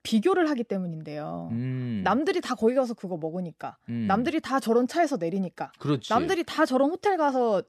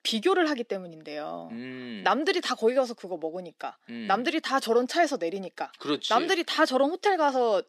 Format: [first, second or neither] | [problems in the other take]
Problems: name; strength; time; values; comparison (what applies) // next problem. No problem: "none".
first | thin; very slightly; fading below 300 Hz